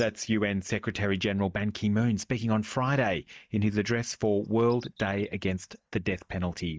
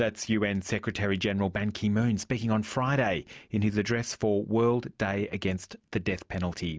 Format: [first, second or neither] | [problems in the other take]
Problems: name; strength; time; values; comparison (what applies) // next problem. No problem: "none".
second | noise reduction (neural mask model DeepFilterNet 3)